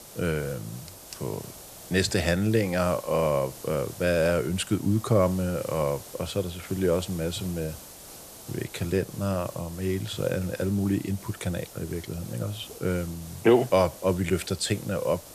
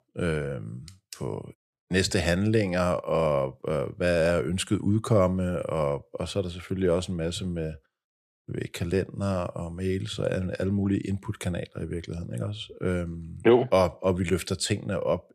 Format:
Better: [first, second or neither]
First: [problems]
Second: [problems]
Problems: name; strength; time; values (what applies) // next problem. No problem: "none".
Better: second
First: hiss; noticeable; throughout; 15 dB below the speech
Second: none